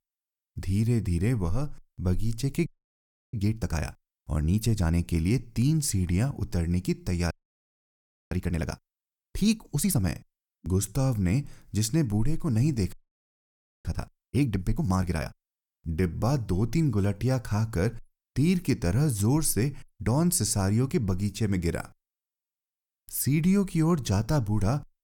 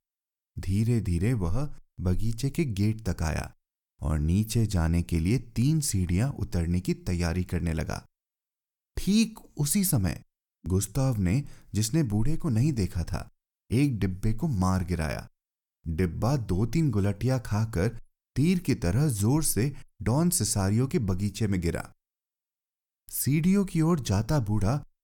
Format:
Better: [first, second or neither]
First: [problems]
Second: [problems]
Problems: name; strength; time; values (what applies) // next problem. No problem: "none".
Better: second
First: audio freezing; at 2.5 s for 0.5 s, at 7.5 s for 1 s and at 13 s for 1 s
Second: none